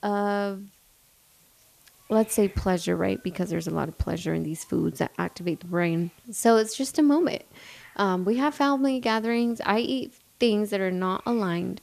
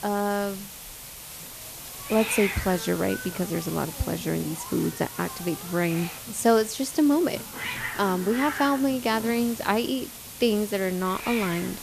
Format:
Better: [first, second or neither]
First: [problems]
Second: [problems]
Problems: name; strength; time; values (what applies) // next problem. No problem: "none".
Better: first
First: hiss; faint; throughout; 30 dB below the speech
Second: hiss; loud; throughout; 8 dB below the speech